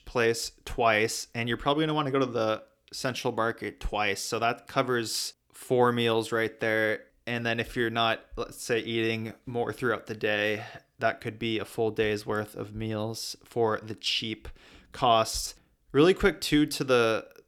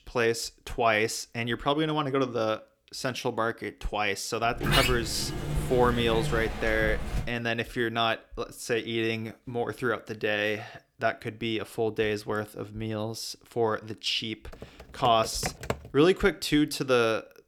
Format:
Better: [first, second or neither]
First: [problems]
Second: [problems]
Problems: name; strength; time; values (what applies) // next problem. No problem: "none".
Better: first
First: none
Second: door banging; loud; from 4.5 to 7.5 s; peak 4 dB above the speech // keyboard typing; noticeable; from 15 to 16 s; peak 5 dB below the speech